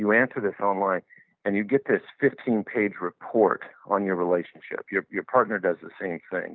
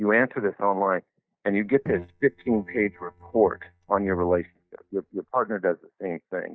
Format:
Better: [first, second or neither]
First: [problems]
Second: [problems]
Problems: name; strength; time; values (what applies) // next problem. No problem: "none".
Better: first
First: none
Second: noise reduction (neural mask model DeepFilterNet 3)